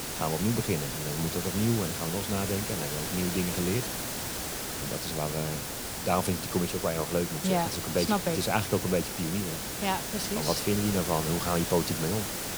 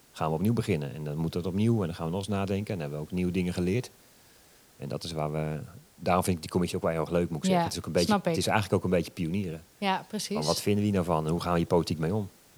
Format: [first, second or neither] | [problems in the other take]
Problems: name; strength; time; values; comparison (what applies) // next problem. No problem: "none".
second | hiss; loud; throughout; 2 dB below the speech; faint in the second